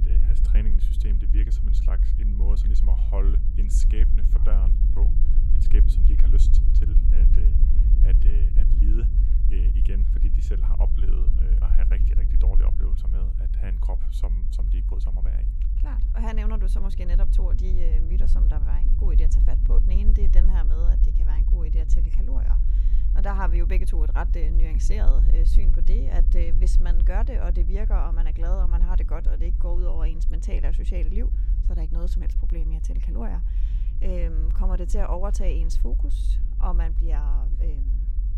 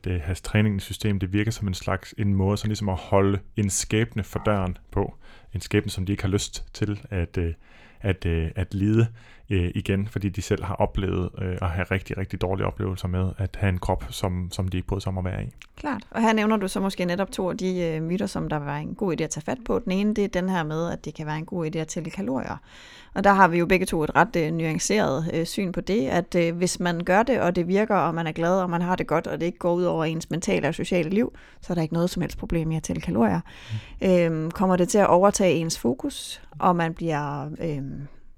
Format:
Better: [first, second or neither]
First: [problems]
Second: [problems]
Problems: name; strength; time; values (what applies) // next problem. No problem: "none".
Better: second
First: low rumble; loud; throughout; 6 dB below the speech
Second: none